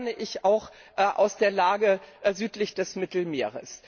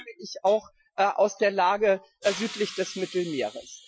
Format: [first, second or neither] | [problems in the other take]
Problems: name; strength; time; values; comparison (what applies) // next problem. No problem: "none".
first | noise reduction (classical method Wiener filter)